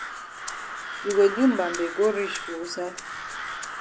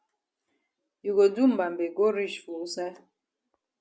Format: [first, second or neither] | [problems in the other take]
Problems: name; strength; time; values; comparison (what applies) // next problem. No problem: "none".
second | background sound (Rattle (instrument) + Crow); 8 dB below the speech